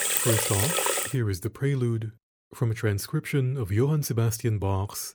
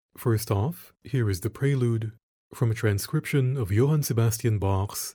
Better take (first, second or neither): second